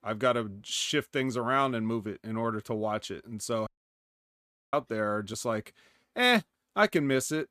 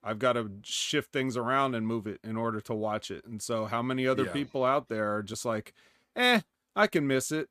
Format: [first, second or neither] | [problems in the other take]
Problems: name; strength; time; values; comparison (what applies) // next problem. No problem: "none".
second | audio cutting out; at 3.5 s for 1 s